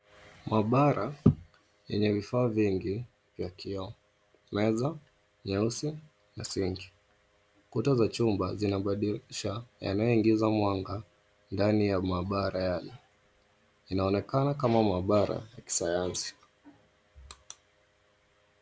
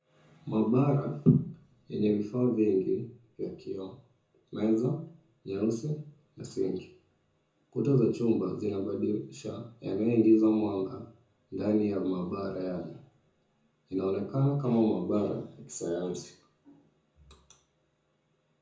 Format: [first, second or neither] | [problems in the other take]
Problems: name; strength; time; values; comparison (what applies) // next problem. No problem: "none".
first | room echo; dies away in 0.6 s